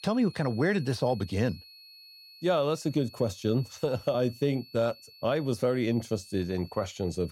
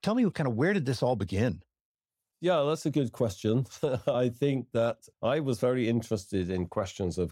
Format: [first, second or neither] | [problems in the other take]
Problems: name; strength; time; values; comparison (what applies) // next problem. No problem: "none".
second | high-pitched whine; faint; throughout; 4.5 kHz, 20 dB below the speech